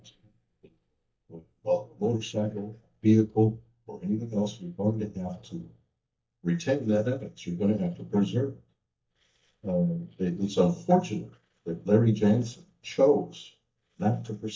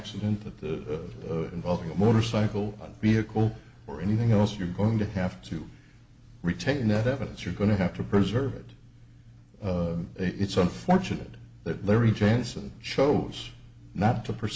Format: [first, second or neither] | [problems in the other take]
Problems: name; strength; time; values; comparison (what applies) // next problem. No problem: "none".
second | noise reduction (neural mask model DeepFilterNet 3)